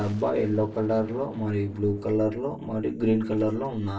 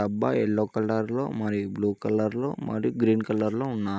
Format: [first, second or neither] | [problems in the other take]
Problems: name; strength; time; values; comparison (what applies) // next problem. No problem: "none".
second | noise reduction (neural separator model SepFormer DNS4)